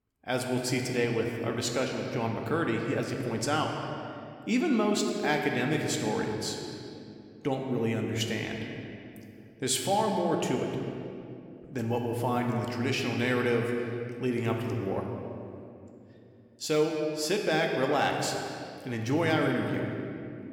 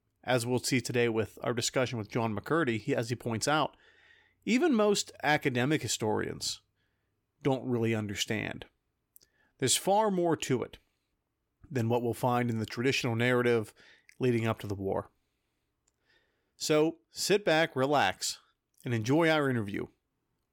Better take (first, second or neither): second